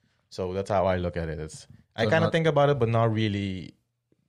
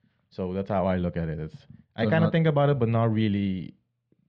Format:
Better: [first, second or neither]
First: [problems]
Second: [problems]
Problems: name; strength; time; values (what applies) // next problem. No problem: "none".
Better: first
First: none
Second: muffled; slightly; fading above 3.5 kHz